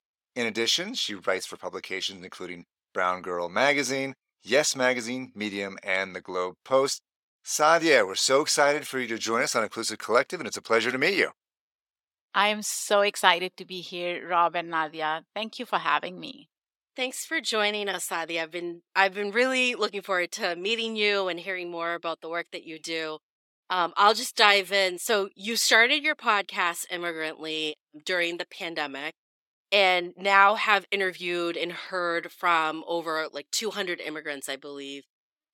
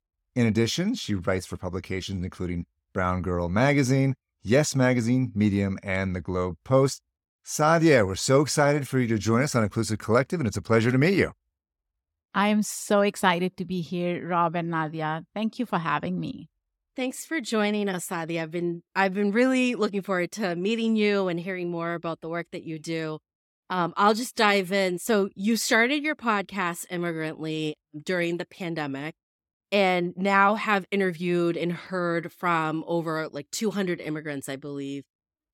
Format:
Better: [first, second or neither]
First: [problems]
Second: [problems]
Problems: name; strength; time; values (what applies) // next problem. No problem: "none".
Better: second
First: thin; somewhat; fading below 500 Hz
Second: none